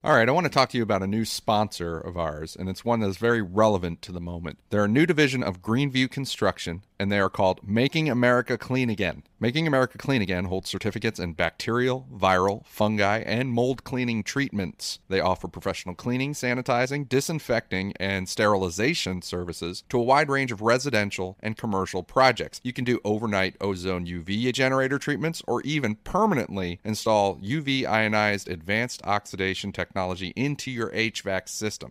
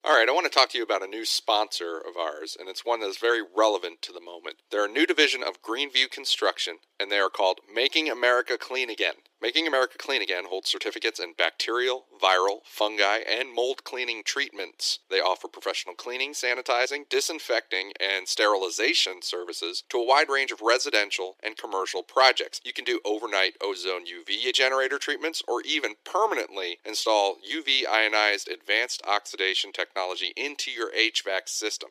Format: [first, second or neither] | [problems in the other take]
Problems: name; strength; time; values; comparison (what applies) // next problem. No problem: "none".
first | thin; very; fading below 300 Hz